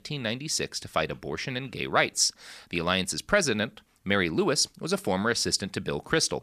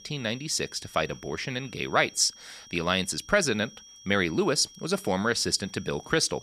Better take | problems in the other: first | high-pitched whine; faint; throughout; 5.5 kHz, 20 dB below the speech

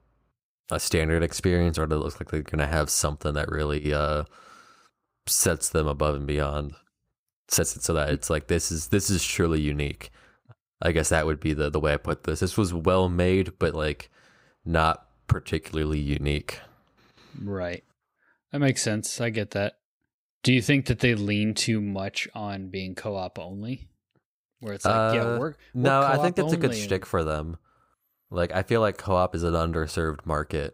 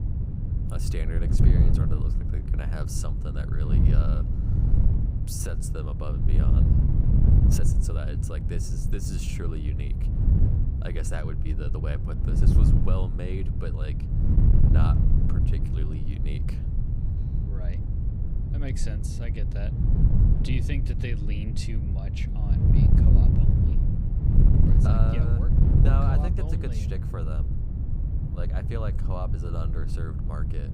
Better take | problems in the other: first | wind noise on the microphone; heavy; 1 dB above the speech

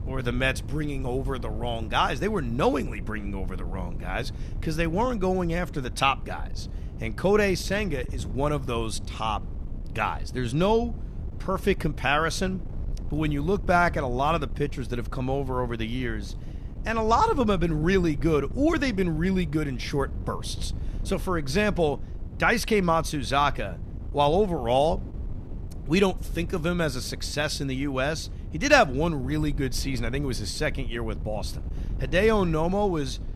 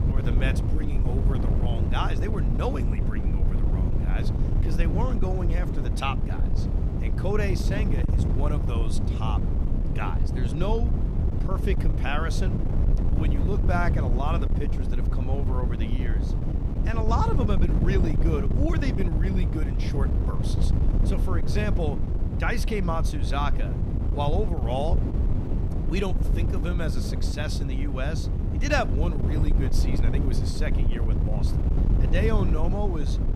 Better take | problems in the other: first | wind noise on the microphone; heavy; 5 dB below the speech; occasional gusts in the first

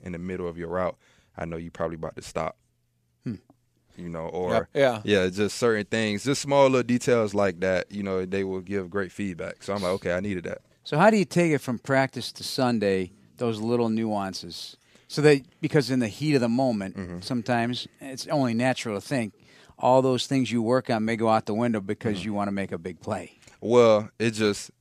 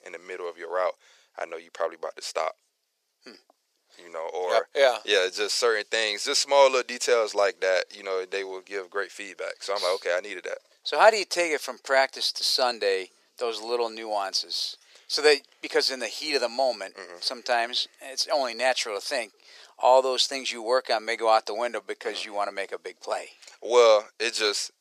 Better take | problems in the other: first | thin; very; fading below 450 Hz

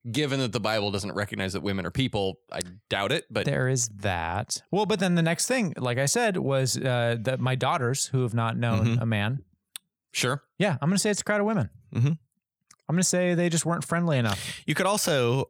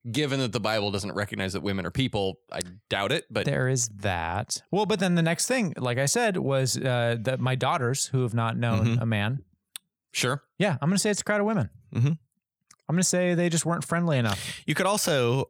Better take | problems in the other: neither | none

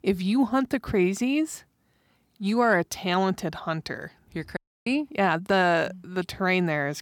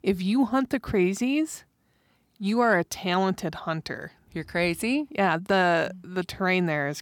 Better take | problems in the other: second | audio cutting out; at 4.5 s

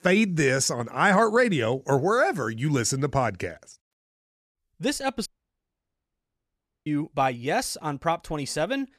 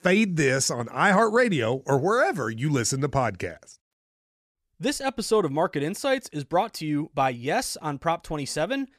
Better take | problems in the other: second | audio cutting out; at 5.5 s for 1.5 s

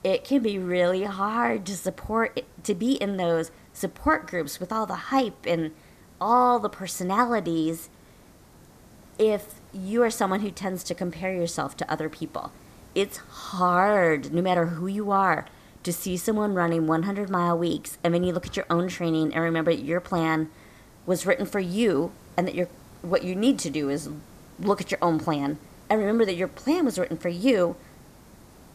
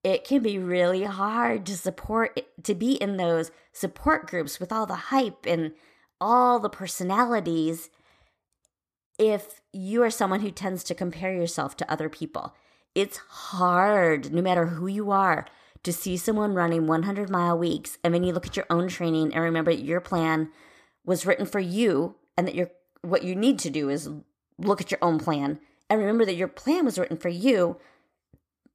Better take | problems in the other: second | hiss; faint; throughout; 25 dB below the speech

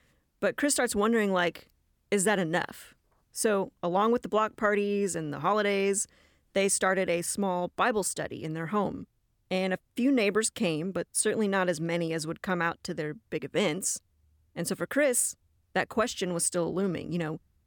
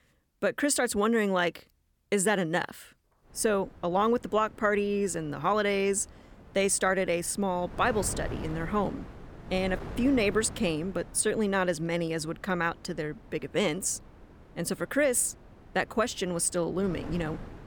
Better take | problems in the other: first | wind noise on the microphone; occasional gusts; from 3.5 s on; 20 dB below the speech

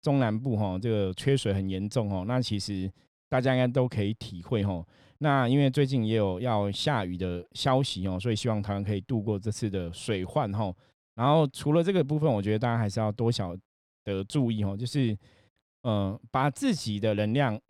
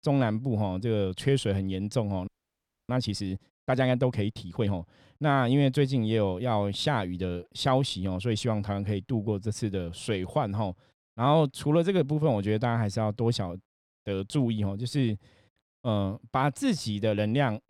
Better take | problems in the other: first | audio freezing; at 2.5 s for 0.5 s

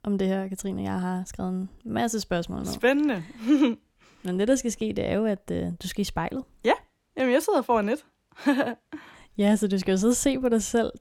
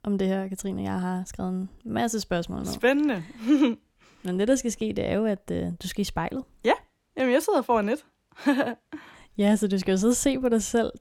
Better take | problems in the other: neither | none

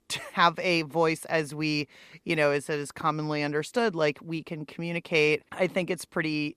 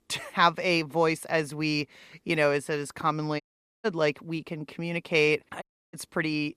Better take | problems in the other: first | audio cutting out; at 3.5 s and at 5.5 s

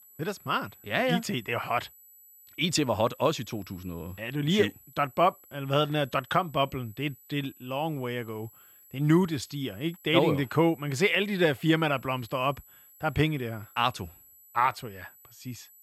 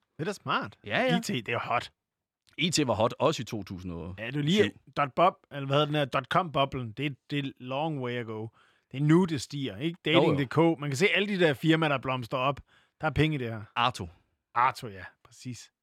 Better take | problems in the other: second | high-pitched whine; faint; throughout; 12 kHz, 25 dB below the speech

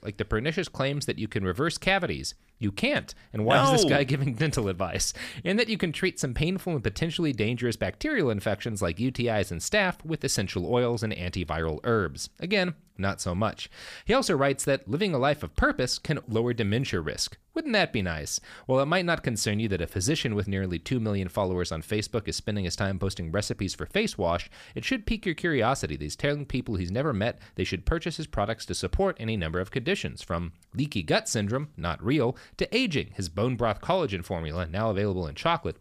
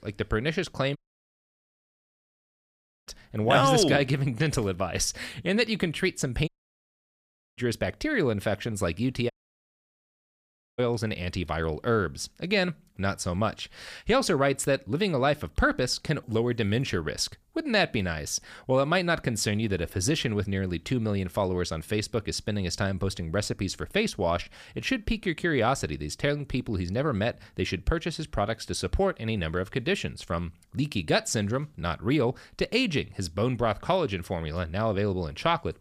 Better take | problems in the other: first | audio cutting out; at 1 s for 2 s, at 6.5 s for 1 s and at 9.5 s for 1.5 s

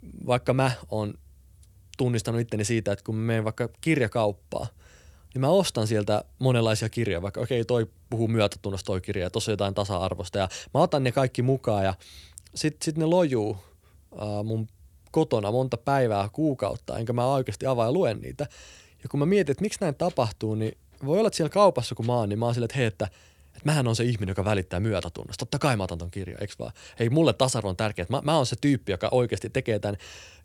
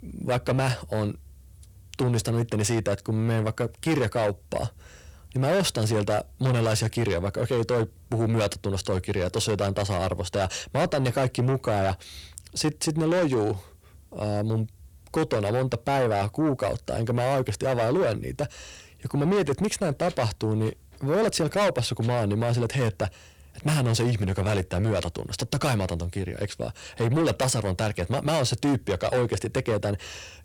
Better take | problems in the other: first | distortion; heavy; 7 dB below the speech

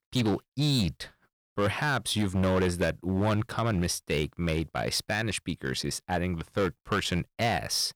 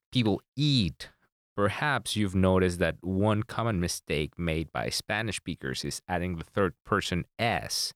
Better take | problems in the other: second | distortion; slight; 8% of the sound clipped

